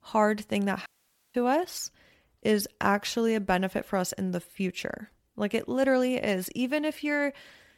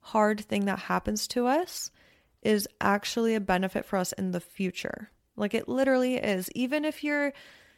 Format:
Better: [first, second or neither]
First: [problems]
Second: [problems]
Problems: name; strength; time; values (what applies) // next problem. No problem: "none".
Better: second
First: audio cutting out; at 1 s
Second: none